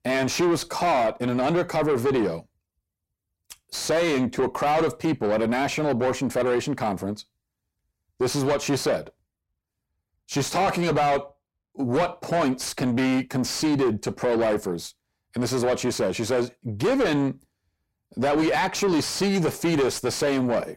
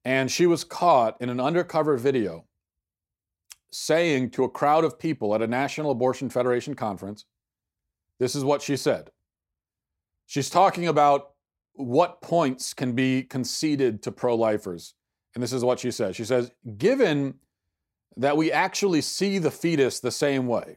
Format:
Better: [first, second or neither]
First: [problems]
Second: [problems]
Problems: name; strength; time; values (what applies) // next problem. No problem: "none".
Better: second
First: distortion; heavy; 6 dB below the speech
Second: none